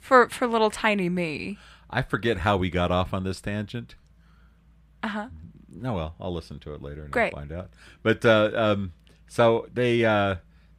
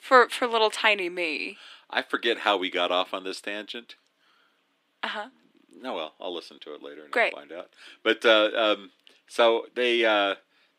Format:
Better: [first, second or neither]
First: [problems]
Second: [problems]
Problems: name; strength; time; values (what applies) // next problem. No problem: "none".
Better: first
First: none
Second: thin; somewhat; fading below 300 Hz